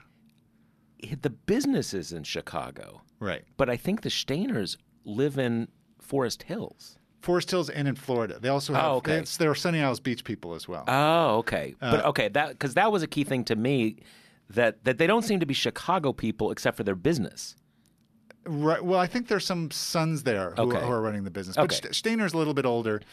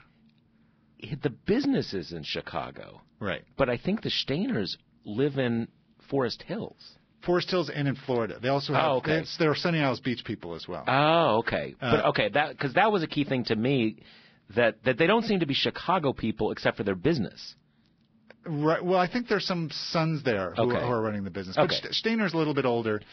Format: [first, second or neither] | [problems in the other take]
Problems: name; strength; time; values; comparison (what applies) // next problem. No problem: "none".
first | garbled, watery; badly; nothing above 5.5 kHz